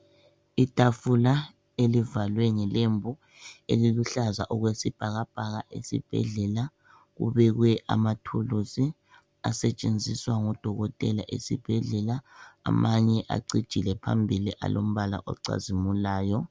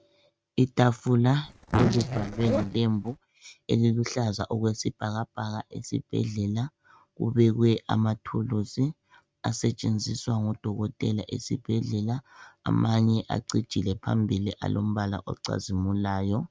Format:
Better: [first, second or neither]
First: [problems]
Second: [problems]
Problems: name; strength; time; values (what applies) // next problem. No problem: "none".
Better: first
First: none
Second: noise reduction (neural mask model RNNoise)